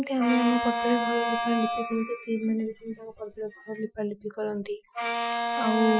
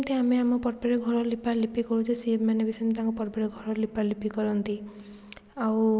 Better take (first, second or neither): second